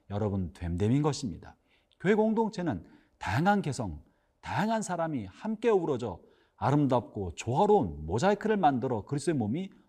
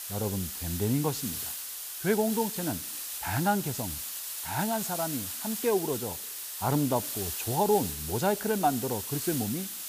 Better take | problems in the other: first | hiss; loud; throughout; 3 dB below the speech

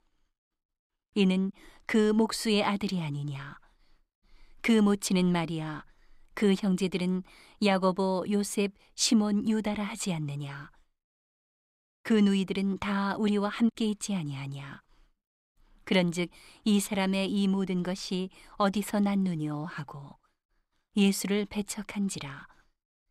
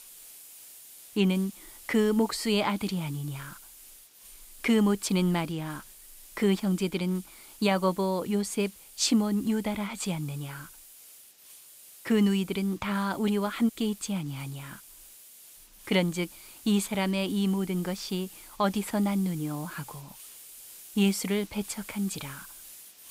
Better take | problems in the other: first | hiss; noticeable; throughout; 20 dB below the speech

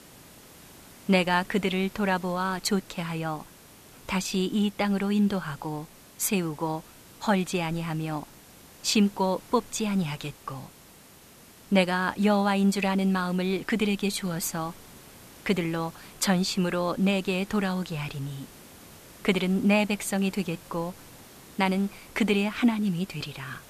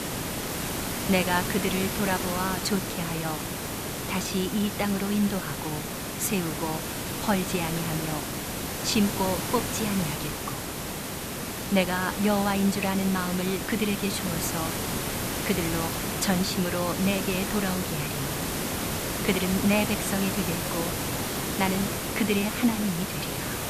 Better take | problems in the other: first | hiss; loud; throughout; 2 dB below the speech; faint in the first

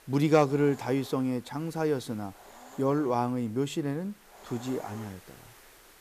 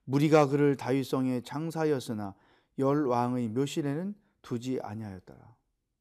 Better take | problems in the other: second | hiss; faint; throughout; 20 dB below the speech

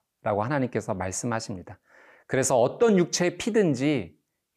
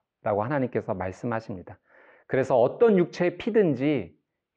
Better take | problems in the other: first | muffled; very; fading above 3 kHz

